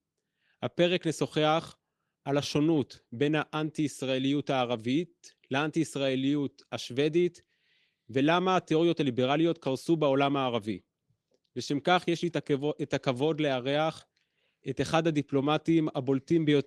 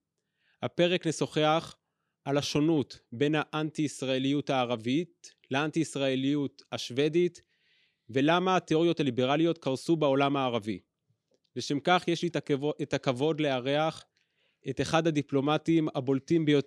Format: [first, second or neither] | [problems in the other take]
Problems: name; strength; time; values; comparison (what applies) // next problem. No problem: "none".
second | garbled, watery; slightly